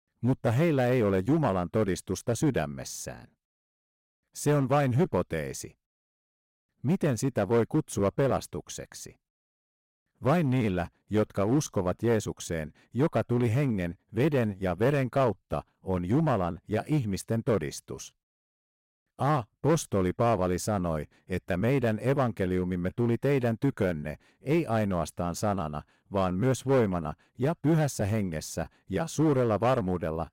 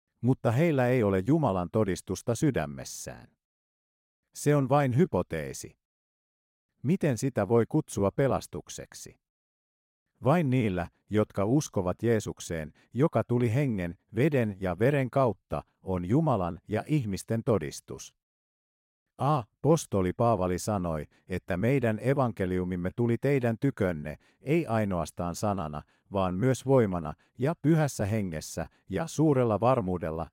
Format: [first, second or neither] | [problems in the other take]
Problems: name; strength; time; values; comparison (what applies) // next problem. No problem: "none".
second | distortion; slight; 4% of the sound clipped